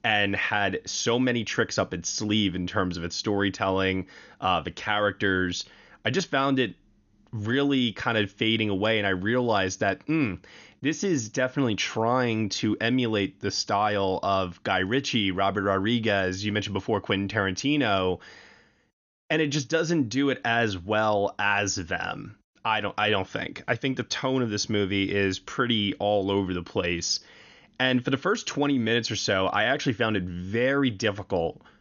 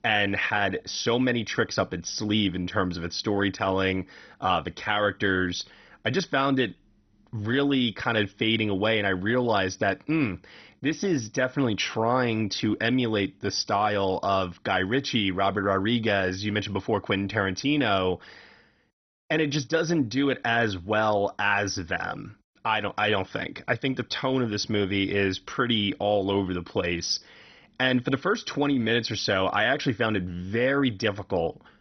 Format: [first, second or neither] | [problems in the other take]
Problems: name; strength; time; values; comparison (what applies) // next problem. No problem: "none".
first | garbled, watery; badly; nothing above 6 kHz; slightly in the first